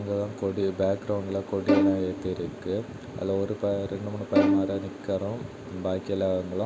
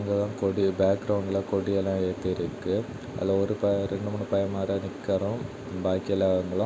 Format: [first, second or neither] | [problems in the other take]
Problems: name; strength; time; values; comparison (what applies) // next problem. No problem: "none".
second | background sound (Bowed string instrument); 1 dB below the speech